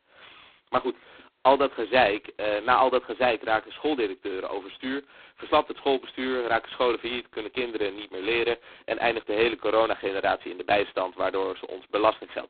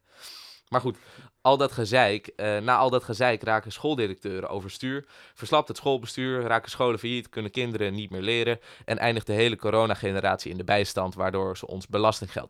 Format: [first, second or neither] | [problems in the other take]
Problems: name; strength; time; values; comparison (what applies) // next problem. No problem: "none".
second | phone-call audio; poor line; nothing above 4 kHz